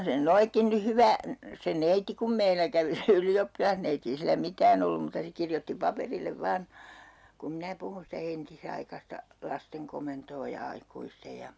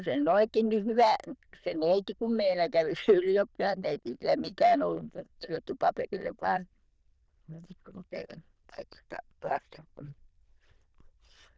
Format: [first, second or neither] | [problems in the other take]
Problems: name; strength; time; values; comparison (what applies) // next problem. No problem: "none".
first | noise reduction (neural diffusion model UNIVERSE++)